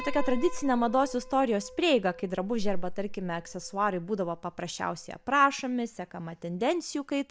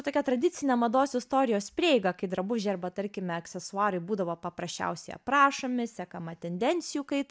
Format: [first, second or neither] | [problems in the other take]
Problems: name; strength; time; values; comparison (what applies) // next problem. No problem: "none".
second | background sound (Piano); 7 dB below the speech